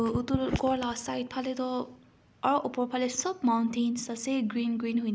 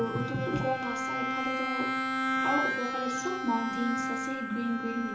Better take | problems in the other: first | background sound (Bowed string instrument); 1 dB above the speech // room echo; dies away in 0.6 s

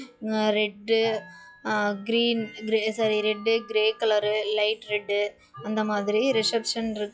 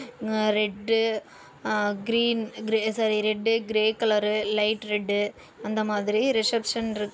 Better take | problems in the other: second | noise reduction (classical method log-MMSE)

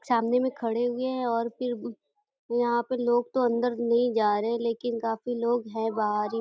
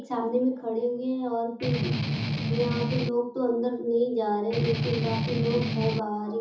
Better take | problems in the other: first | background sound (Strum); as loud as the speech // room echo; dies away in 0.6 s

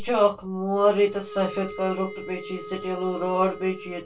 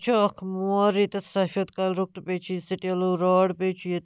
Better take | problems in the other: second | background sound (Wind instrument, woodwind instrument); 14 dB below the speech // room echo; dies away in 0.1 s

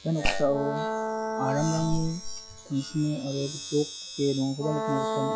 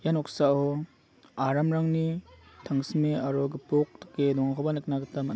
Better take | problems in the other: second | noise reduction (classical method log-MMSE)

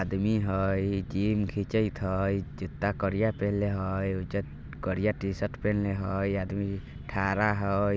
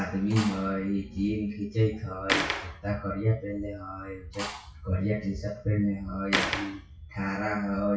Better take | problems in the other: first | noise reduction (classical method WPE with log-MMSE)

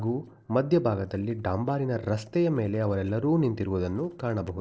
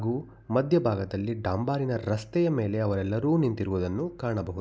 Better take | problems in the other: second | noise reduction (neural separator model SepFormer DNS4)

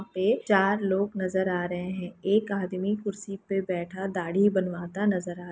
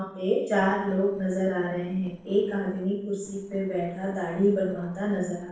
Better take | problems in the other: first | noise reduction (neural separator model SepFormer DNS4)

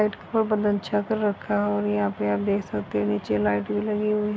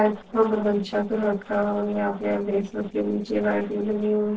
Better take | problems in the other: first | noise reduction (neural separator model SepFormer DNS4)

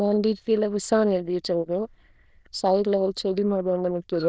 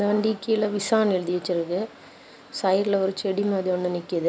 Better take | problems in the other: second | noise reduction (neural diffusion model UNIVERSE++)

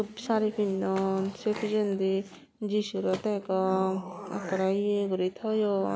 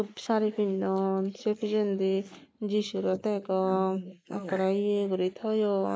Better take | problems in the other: first | noise reduction (neural mask model Resemble Enhance denoiser)

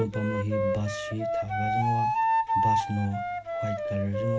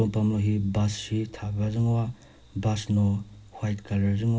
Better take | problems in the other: second | background sound (Wind instrument, woodwind instrument); 3 dB above the speech

